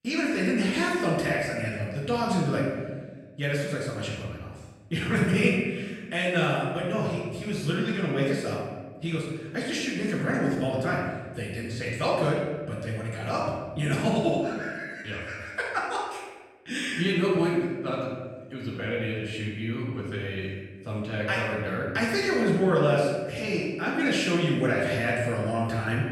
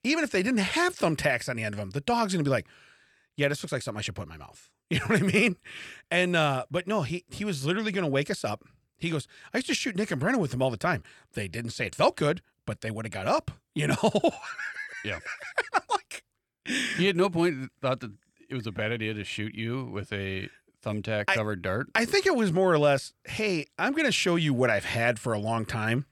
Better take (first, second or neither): second